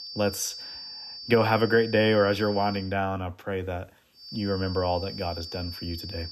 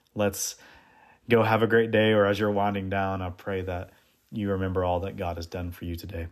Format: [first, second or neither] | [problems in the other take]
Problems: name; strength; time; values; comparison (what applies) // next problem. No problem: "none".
second | high-pitched whine; noticeable; until 3 s and from 4 s on; 4.5 kHz, 10 dB below the speech